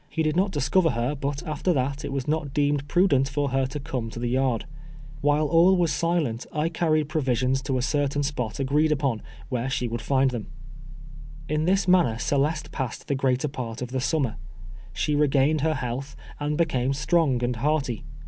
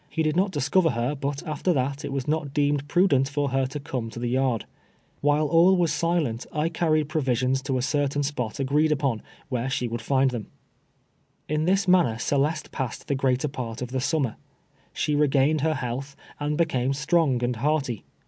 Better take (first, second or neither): second